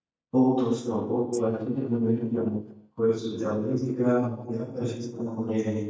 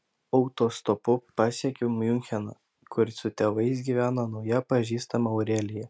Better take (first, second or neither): second